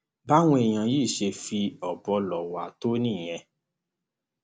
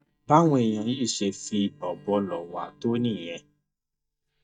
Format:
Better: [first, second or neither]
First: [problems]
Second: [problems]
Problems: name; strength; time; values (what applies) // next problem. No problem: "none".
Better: first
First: none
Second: noise reduction (neural mask model DeepFilterNet 3)